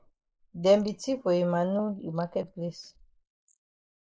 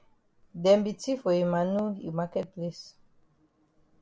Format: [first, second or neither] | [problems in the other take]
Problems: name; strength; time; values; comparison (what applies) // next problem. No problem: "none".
second | noise reduction (neural mask model Resemble Enhance denoiser)